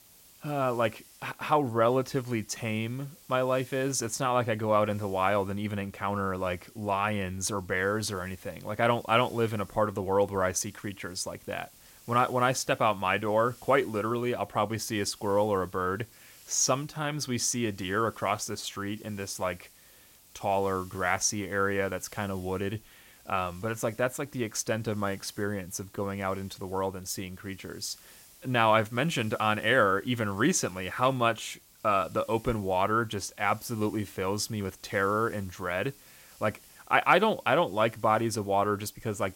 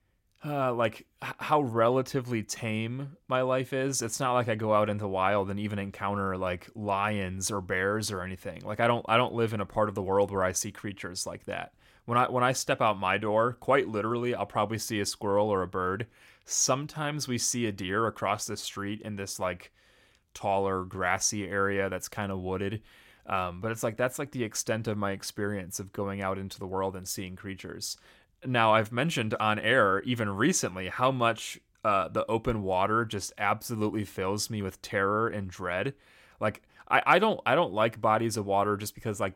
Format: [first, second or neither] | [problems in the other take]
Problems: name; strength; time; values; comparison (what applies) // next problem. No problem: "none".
second | hiss; faint; throughout; 25 dB below the speech